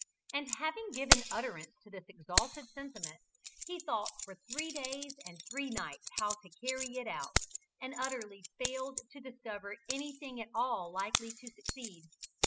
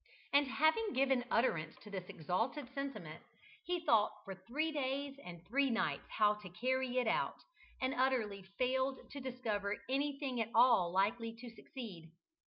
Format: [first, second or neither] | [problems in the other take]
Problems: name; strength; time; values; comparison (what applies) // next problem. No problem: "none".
second | noise reduction (classical method spectral subtraction)